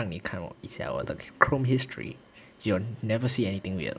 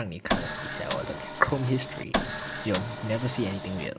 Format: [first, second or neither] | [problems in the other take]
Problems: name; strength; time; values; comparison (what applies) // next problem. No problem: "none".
first | background sound (Printer); 3 dB below the speech